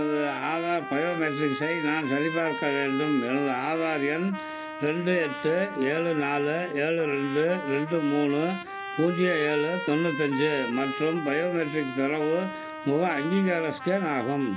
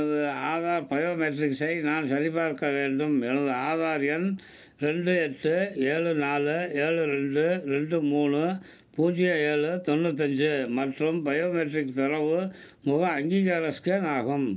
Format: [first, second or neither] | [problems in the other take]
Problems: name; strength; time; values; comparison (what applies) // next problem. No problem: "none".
second | background sound (Trumpet); 9 dB below the speech